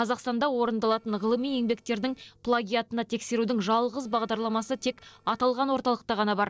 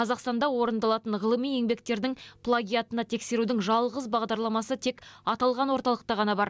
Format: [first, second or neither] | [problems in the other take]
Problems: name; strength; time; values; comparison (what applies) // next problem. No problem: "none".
second | noise reduction (neural separator model SepFormer DNS4)